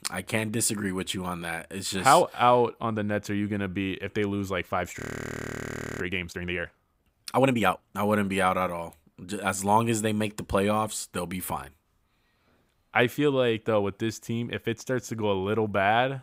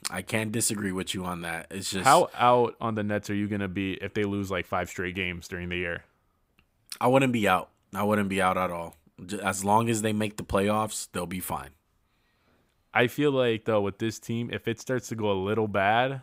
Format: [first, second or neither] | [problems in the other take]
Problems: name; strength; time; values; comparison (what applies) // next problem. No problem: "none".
second | audio freezing; at 5 s for 1 s